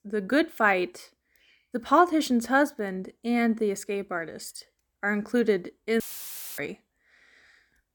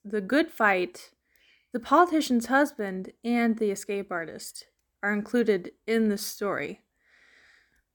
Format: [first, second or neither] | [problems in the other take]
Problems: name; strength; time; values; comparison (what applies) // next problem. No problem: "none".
second | audio cutting out; filled with static; at 6 s for 0.5 s